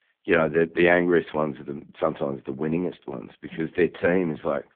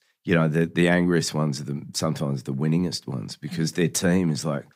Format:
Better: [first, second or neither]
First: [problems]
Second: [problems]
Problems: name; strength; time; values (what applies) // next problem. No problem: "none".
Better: second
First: phone-call audio; poor line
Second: none